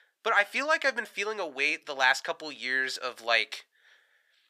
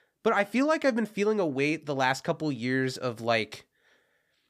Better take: second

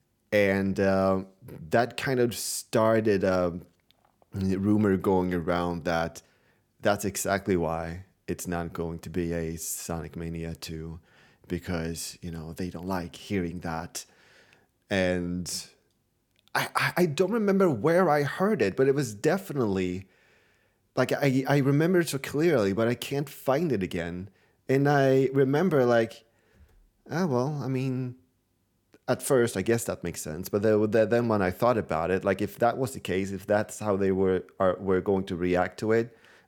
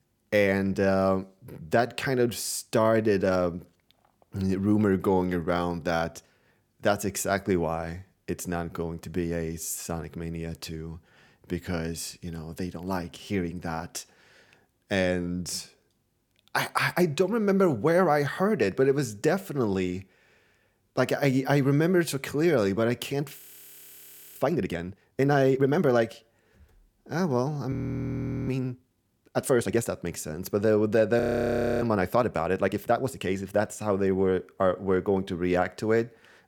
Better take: first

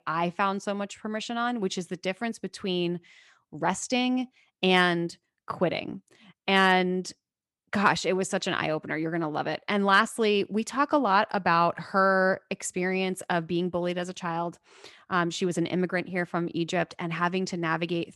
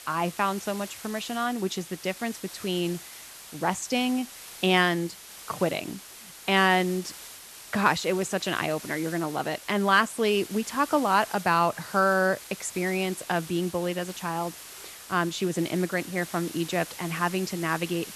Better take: first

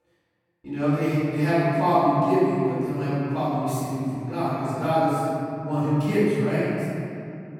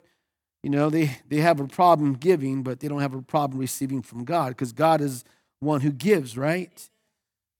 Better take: second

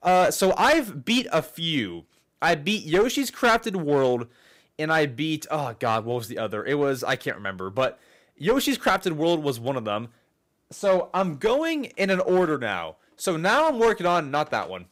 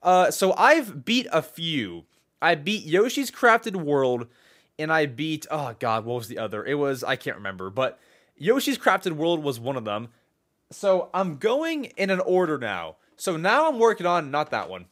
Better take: second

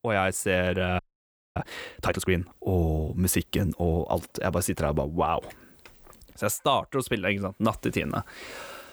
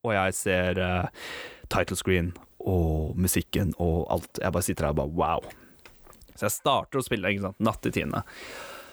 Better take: second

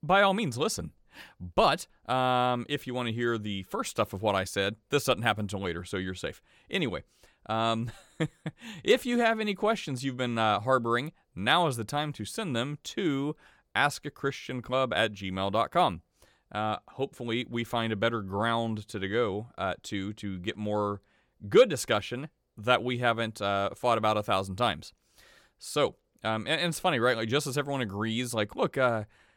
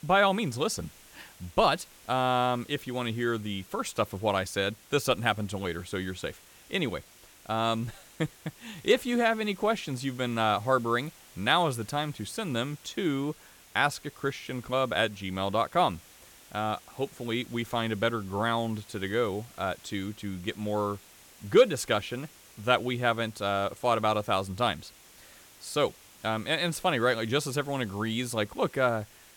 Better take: first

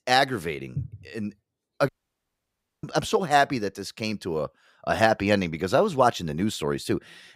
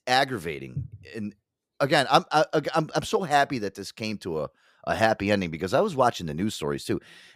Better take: second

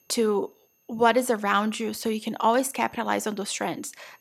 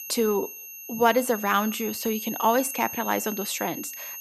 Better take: first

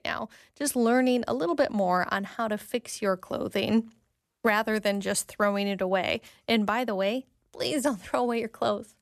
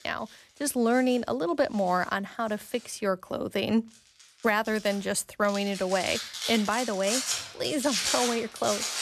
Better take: first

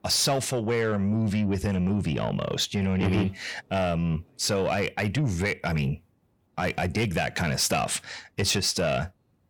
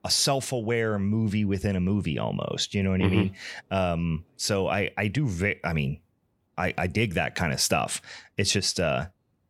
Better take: second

